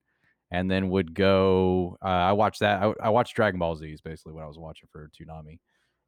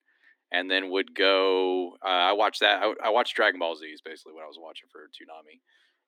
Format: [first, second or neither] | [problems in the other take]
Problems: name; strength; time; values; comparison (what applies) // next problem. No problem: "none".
first | thin; somewhat; fading below 250 Hz